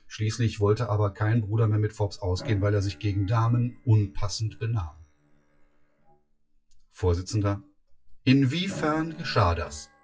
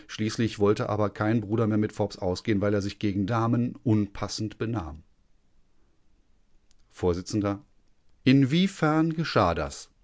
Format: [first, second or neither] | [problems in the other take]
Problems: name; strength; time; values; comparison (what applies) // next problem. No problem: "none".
second | noise reduction (classical method WPE with log-MMSE)